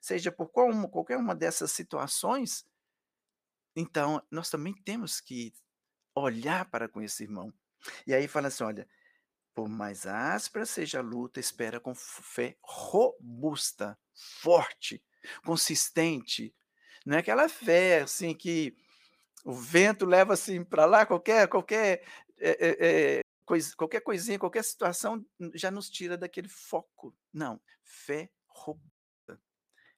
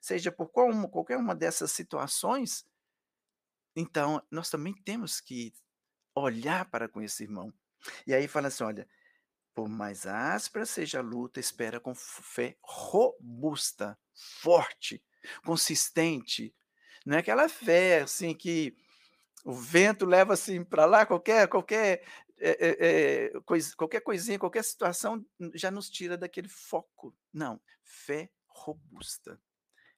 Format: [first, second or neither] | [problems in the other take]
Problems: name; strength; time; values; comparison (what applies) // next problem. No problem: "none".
second | audio cutting out; at 23 s and at 29 s